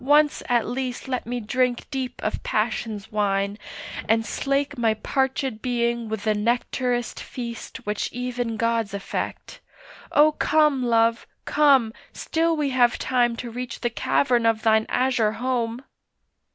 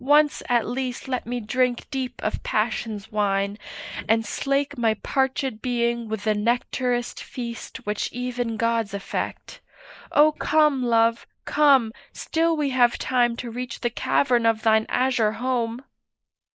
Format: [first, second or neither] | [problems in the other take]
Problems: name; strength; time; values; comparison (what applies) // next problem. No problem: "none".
first | noise reduction (neural mask model Resemble Enhance denoiser)